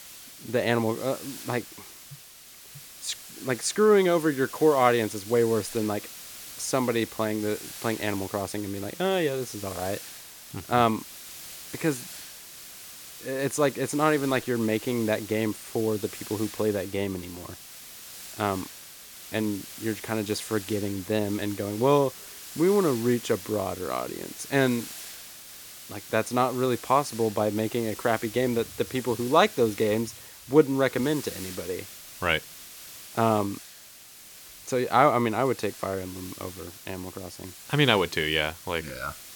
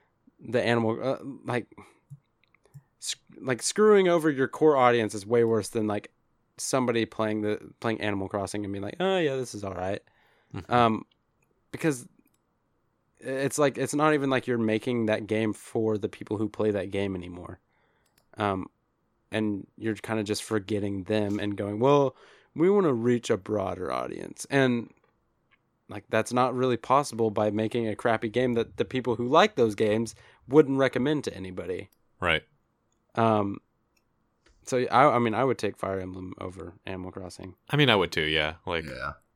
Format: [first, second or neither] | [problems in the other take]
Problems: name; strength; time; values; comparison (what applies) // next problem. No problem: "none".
second | hiss; noticeable; throughout; 15 dB below the speech